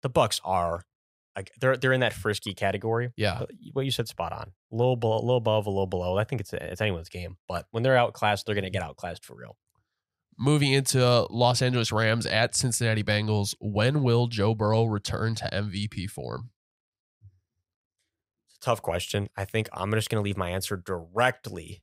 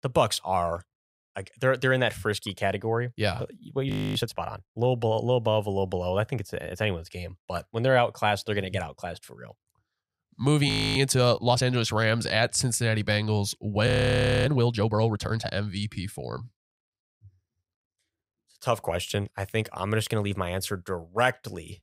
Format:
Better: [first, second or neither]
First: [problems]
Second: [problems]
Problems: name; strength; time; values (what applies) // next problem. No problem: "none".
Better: first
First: none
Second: audio freezing; at 4 s, at 11 s and at 14 s for 0.5 s